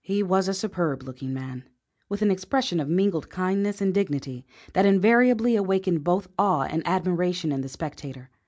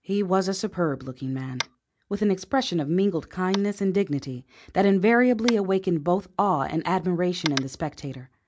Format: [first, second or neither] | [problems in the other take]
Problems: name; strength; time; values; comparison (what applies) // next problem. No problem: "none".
first | background sound (Tap); 17 dB below the speech